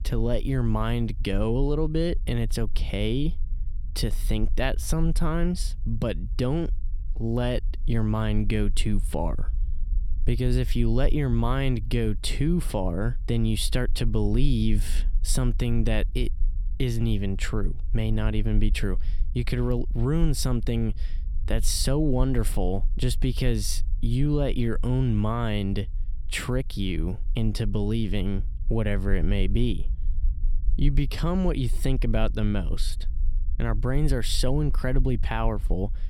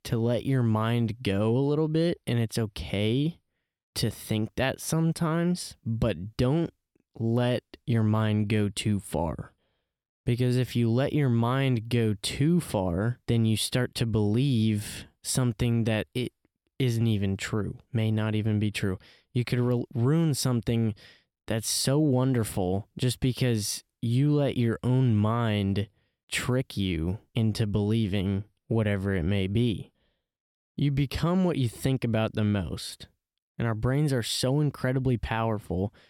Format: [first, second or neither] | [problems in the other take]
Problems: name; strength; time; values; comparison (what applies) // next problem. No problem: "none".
second | low rumble; faint; throughout; 25 dB below the speech